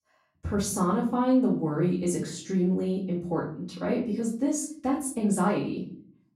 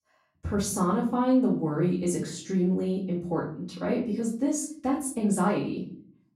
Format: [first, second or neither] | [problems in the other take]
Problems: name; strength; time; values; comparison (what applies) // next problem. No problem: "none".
neither | off-mic speech; far; the same in both // room echo; slight; dies away in 0.5 s; the same in both